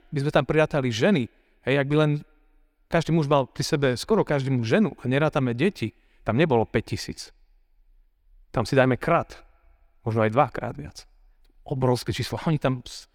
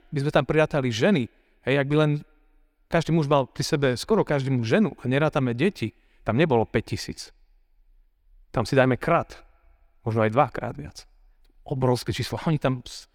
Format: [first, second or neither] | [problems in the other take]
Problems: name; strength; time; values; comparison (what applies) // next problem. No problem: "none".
neither | none